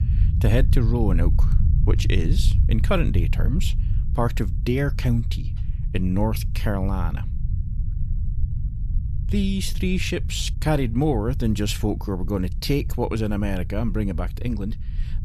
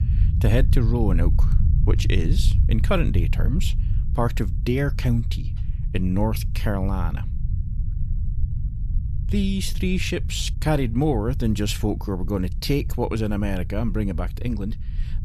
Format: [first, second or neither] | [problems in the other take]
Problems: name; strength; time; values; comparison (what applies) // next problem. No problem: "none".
neither | low rumble; noticeable; throughout; 15 dB below the speech; the same in both